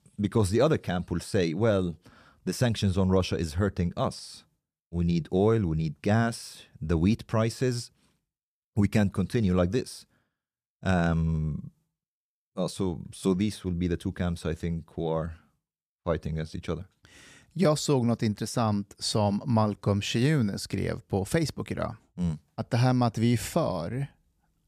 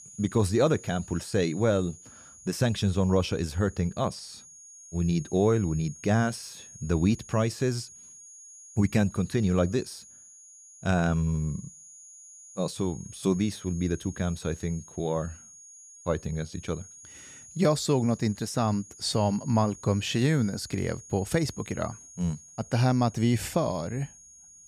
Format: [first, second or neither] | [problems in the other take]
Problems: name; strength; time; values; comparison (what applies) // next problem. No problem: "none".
first | high-pitched whine; noticeable; throughout; 6.5 kHz, 20 dB below the speech